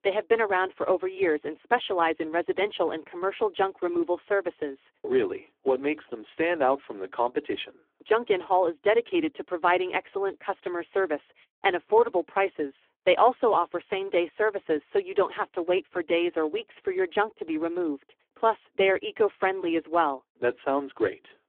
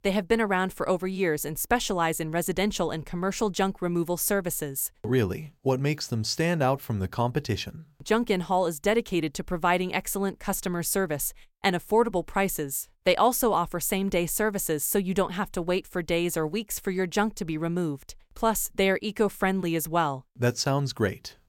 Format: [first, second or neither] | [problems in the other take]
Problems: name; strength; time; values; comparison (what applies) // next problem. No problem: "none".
second | phone-call audio; poor line